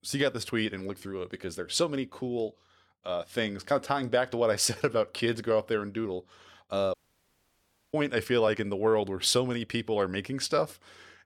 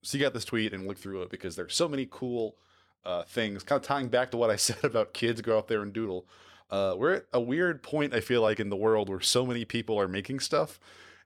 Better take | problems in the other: second | audio cutting out; at 7 s for 1 s

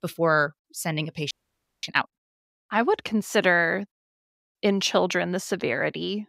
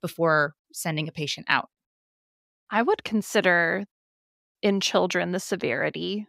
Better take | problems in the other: second | audio freezing; at 1.5 s for 0.5 s

